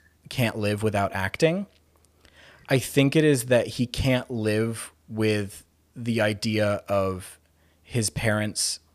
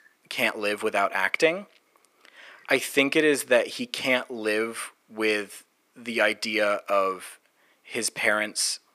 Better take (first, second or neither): first